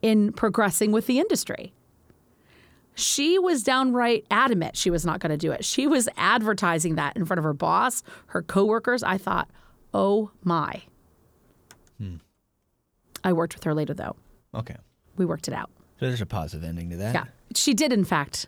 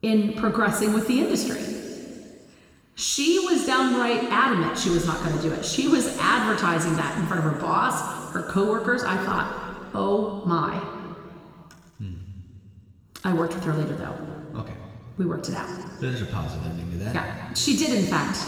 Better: first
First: none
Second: room echo; noticeable; dies away in 2.4 s // off-mic speech; somewhat distant

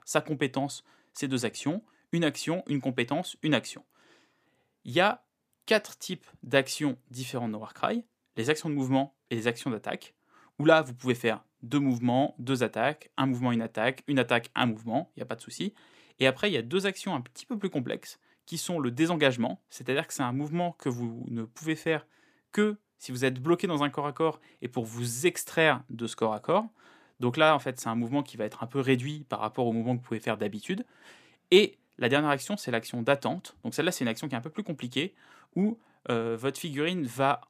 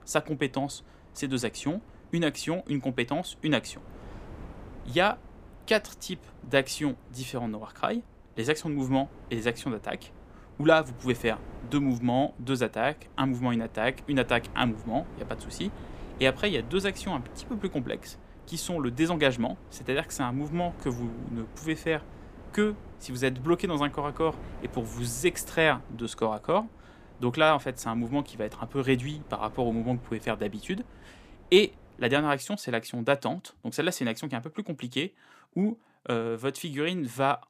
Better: first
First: none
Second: wind noise on the microphone; occasional gusts; until 32 s; 20 dB below the speech

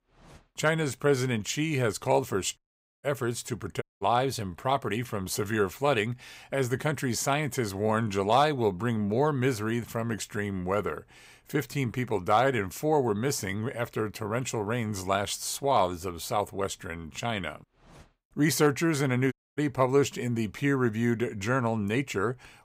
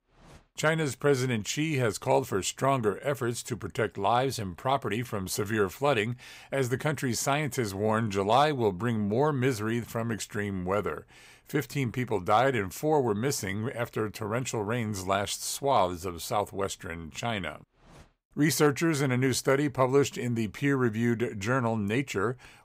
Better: second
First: audio cutting out; at 2.5 s, at 4 s and at 19 s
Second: none

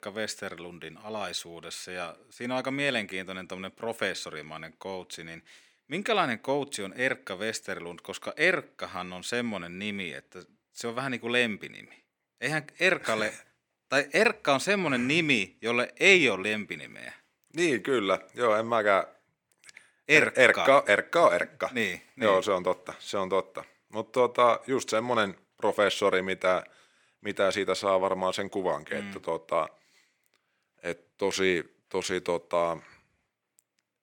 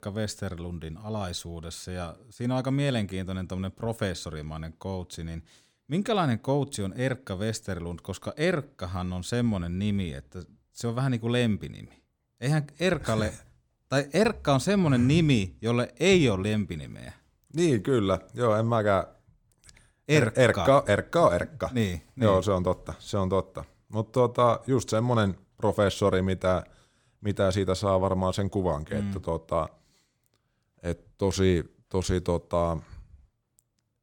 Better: second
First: thin; somewhat; fading below 300 Hz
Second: none

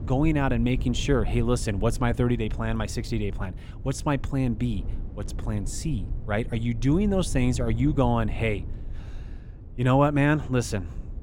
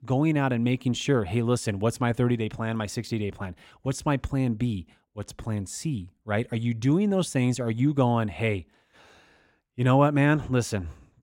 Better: second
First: low rumble; noticeable; throughout; 20 dB below the speech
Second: none

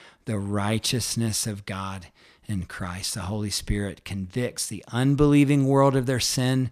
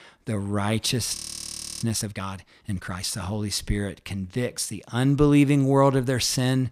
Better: first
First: none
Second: audio freezing; at 1 s for 0.5 s

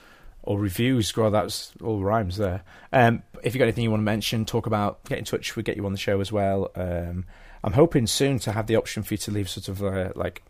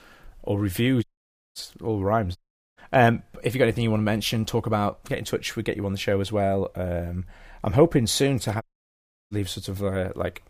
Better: first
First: none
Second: audio cutting out; at 1 s for 0.5 s, at 2.5 s and at 8.5 s for 0.5 s

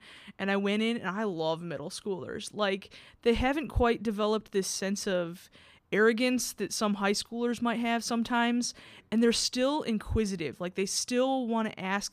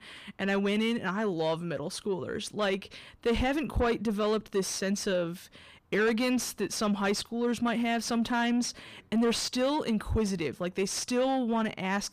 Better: first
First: none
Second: distortion; slight; 10 dB below the speech

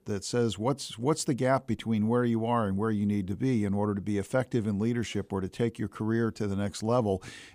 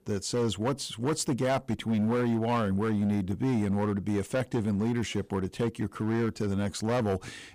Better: first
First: none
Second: distortion; slight; 12% of the sound clipped

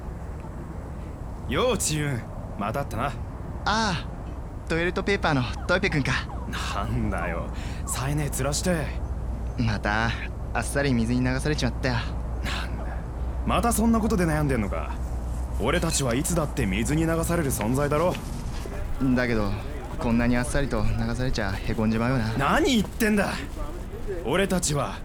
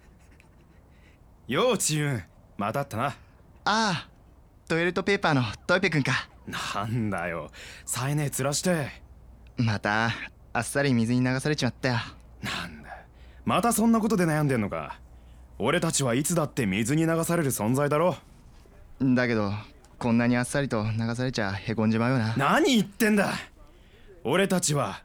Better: second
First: animal sounds; loud; throughout; 8 dB below the speech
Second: animal sounds; faint; throughout; 30 dB below the speech

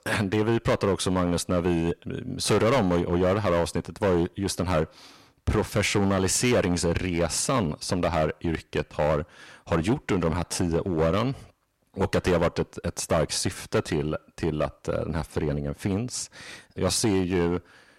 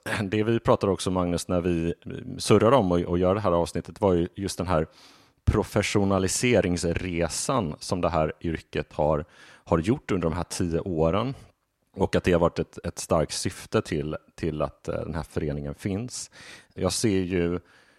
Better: second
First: distortion; heavy; 8% of the sound clipped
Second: none

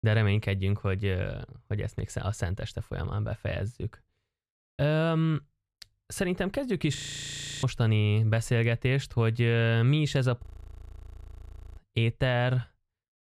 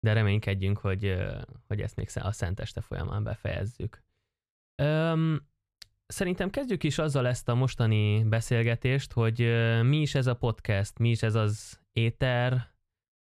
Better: second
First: audio freezing; at 7 s for 0.5 s and at 10 s for 1.5 s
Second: none

